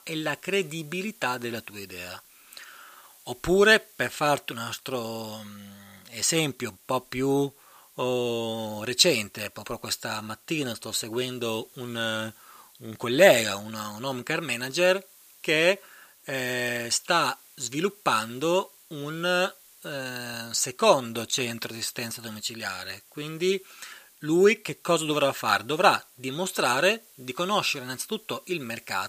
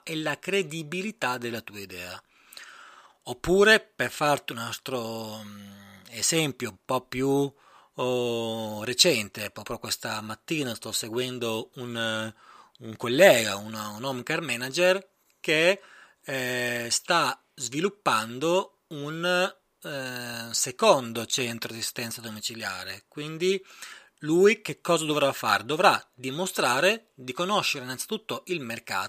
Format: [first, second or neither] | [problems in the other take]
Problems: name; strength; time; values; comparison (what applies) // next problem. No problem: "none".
second | hiss; faint; throughout; 25 dB below the speech